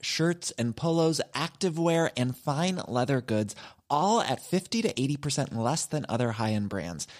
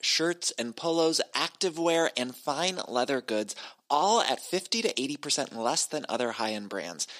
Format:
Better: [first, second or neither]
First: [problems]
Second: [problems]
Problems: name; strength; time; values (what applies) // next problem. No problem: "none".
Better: first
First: none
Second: thin; somewhat; fading below 300 Hz